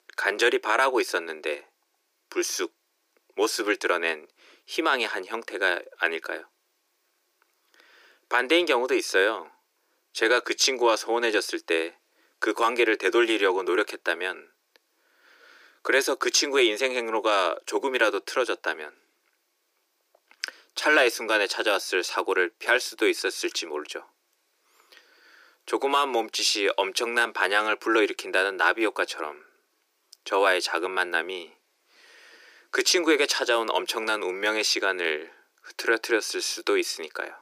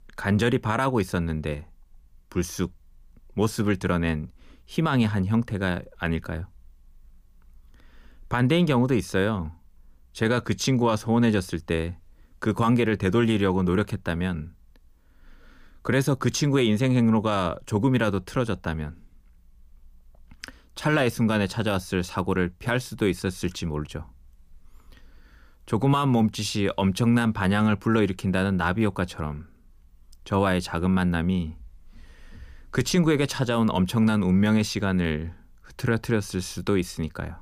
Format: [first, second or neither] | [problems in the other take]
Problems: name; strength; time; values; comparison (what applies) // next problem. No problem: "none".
second | thin; very; fading below 350 Hz